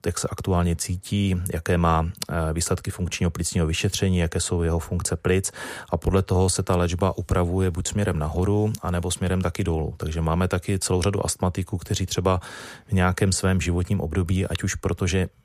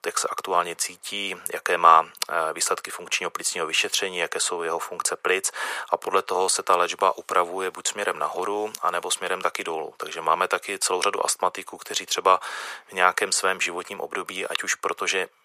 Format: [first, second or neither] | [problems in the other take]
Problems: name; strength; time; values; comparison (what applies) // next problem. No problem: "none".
first | thin; very; fading below 500 Hz